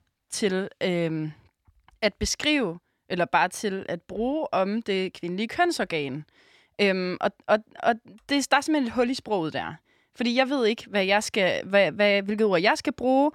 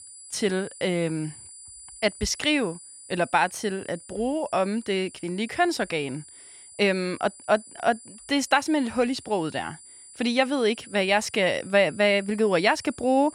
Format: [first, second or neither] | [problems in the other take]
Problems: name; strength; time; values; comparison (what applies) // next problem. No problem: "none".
first | high-pitched whine; noticeable; throughout; 9.5 kHz, 20 dB below the speech